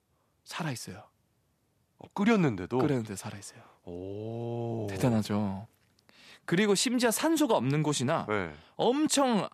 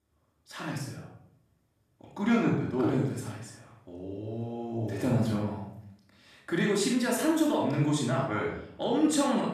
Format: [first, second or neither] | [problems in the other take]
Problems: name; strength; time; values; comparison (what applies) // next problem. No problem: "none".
first | off-mic speech; far // room echo; noticeable; dies away in 0.6 s